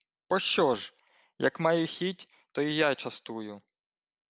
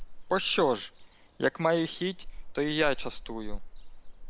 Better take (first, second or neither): first